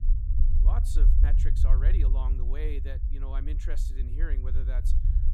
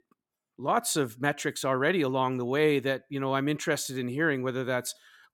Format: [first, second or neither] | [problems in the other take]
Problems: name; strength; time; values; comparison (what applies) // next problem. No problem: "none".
second | low rumble; loud; throughout; 4 dB below the speech